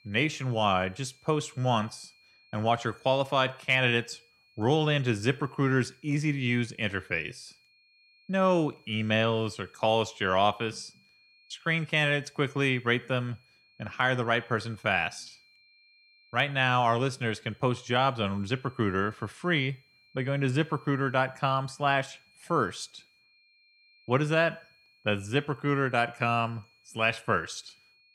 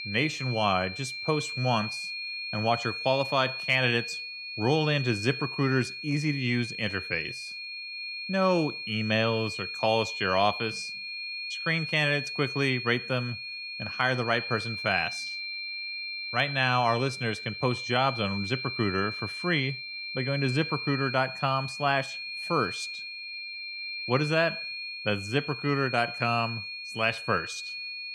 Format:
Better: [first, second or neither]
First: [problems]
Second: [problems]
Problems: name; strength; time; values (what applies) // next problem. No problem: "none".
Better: first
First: high-pitched whine; faint; throughout; 2.5 kHz, 30 dB below the speech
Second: high-pitched whine; loud; throughout; 2.5 kHz, 6 dB below the speech